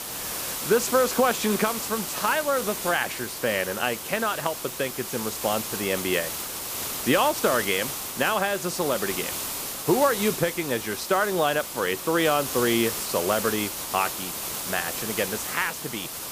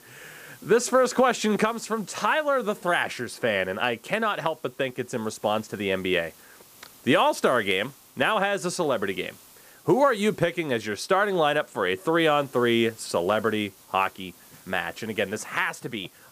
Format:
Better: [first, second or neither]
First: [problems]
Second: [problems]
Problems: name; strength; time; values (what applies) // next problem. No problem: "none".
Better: second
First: hiss; loud; throughout; 4 dB below the speech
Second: hiss; faint; throughout; 25 dB below the speech